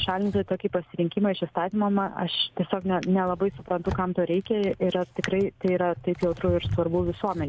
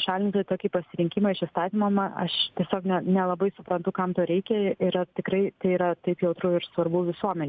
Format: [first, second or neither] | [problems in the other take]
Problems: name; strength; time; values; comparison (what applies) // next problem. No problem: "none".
second | background sound (Drawer open or close); 13 dB below the speech